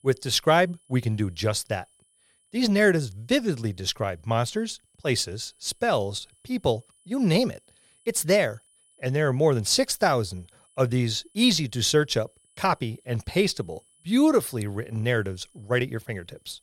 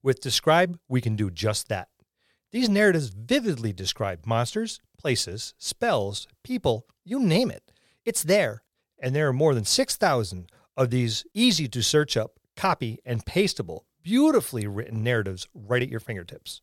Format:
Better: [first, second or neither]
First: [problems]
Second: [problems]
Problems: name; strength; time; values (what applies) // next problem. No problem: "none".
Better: second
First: high-pitched whine; faint; throughout; 10 kHz, 35 dB below the speech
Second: none